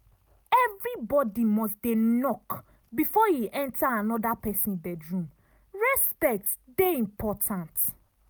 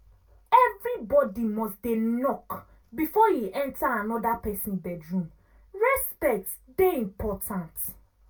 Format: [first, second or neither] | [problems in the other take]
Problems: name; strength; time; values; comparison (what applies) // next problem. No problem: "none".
first | room echo; dies away in 0.2 s